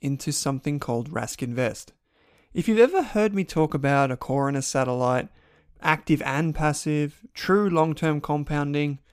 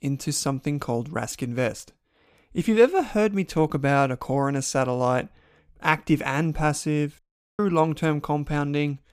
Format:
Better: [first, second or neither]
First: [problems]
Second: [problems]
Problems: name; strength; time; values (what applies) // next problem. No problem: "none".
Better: first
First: none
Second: audio cutting out; at 7 s